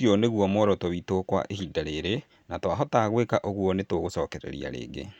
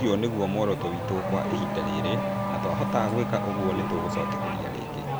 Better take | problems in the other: first | background sound (Race car, auto racing / Accelerating, revving, vroom); as loud as the speech

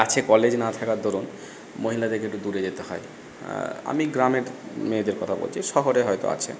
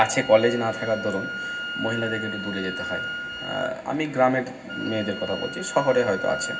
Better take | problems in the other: first | background sound (Wind instrument, woodwind instrument); 9 dB below the speech // room echo; dies away in 0.4 s

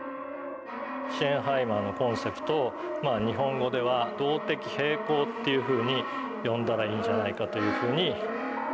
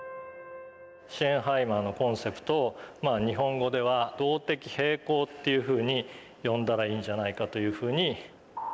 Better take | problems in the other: second | background sound (Brass instrument); 4 dB below the speech

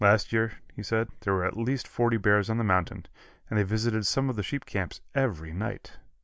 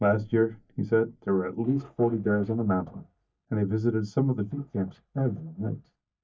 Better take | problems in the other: first | noise reduction (neural mask model DeepFilterNet 3)

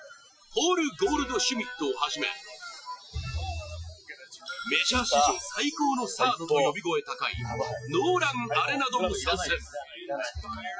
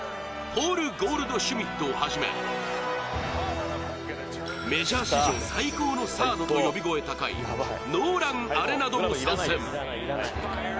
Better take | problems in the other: second | noise reduction (classical method Wiener filter)

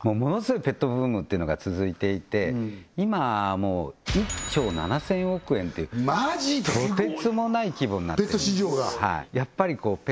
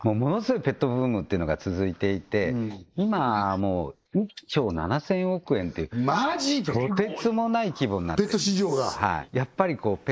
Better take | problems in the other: first | noise reduction (neural mask model Resemble Enhance denoiser)

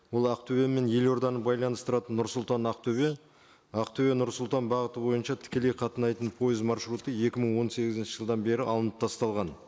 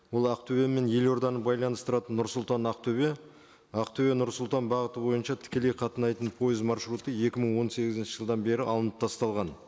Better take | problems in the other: second | noise reduction (neural mask model Resemble Enhance denoiser)

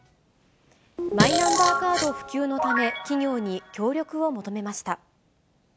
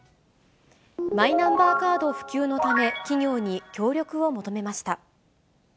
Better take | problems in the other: second | background sound (Fart); 1 dB below the speech

